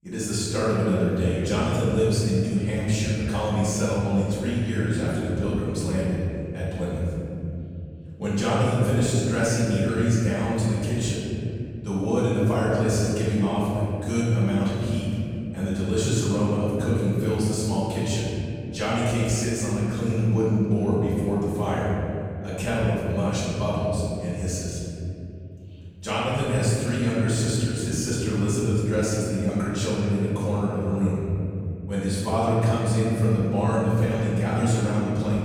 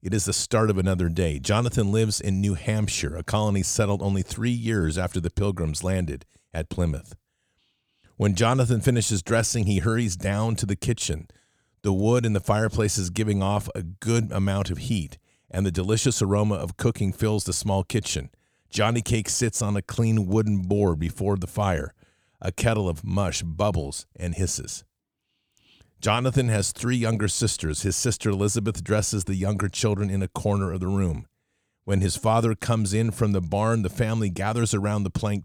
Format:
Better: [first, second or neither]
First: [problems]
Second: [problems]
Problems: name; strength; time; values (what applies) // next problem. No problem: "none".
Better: second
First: off-mic speech; far // room echo; strong; dies away in 3 s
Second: none